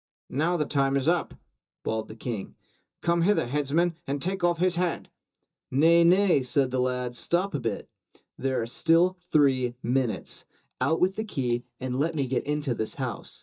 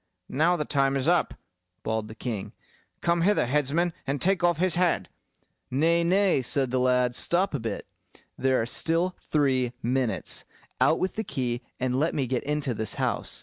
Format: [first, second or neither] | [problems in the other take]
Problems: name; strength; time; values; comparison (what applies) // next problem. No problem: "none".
second | noise reduction (neural mask model DeepFilterNet 3)